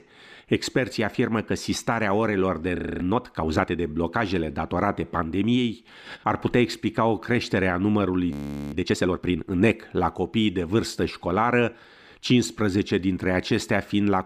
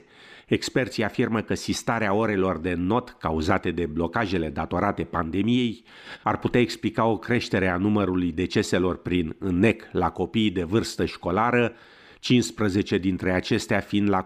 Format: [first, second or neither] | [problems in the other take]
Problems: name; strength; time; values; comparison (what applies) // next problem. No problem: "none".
second | audio freezing; at 3 s and at 8.5 s